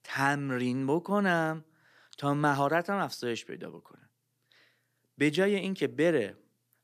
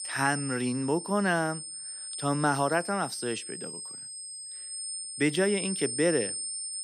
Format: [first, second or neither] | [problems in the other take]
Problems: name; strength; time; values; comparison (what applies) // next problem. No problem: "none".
first | high-pitched whine; loud; throughout; 8.5 kHz, 6 dB below the speech